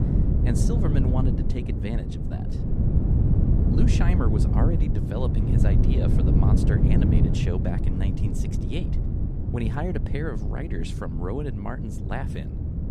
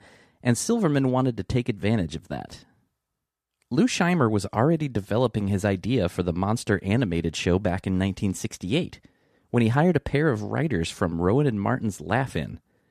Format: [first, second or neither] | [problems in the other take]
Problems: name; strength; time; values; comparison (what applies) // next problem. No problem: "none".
second | wind noise on the microphone; heavy; as loud as the speech